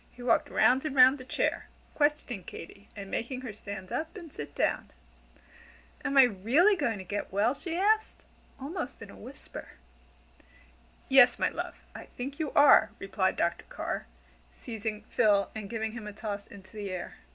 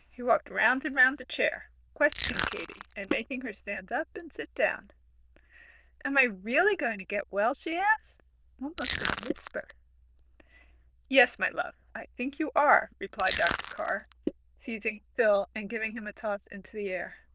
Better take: first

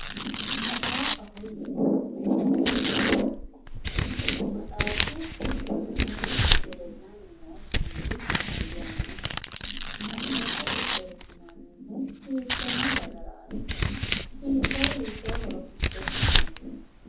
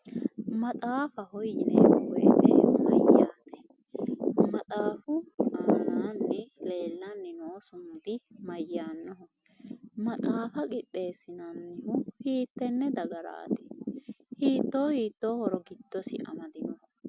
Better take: second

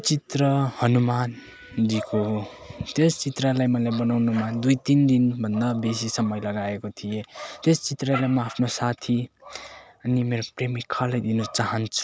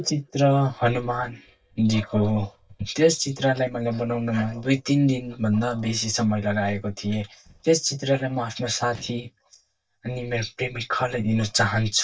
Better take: first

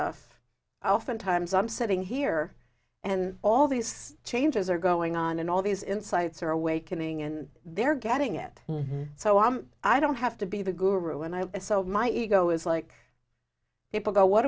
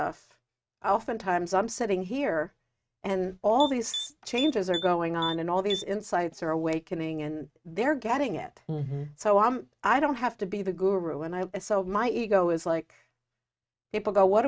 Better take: first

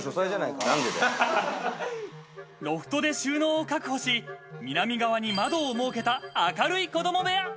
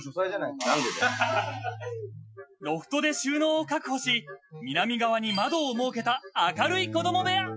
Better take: first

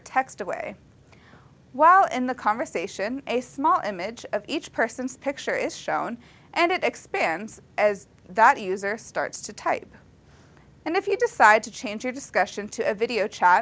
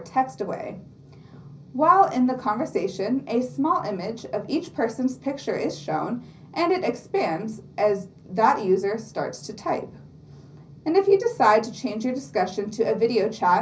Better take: first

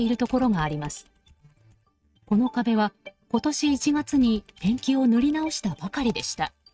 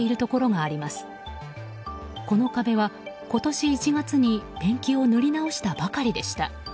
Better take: second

